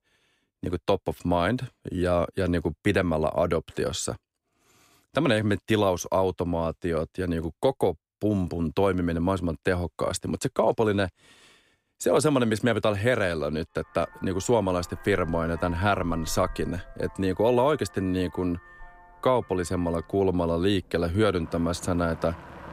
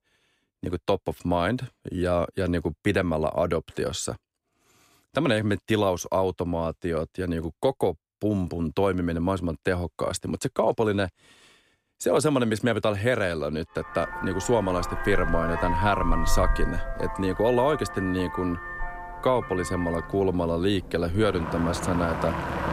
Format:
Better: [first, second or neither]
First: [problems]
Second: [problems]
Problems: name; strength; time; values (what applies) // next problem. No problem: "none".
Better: first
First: traffic noise; faint; from 14 s on; 20 dB below the speech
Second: traffic noise; loud; from 14 s on; 6 dB below the speech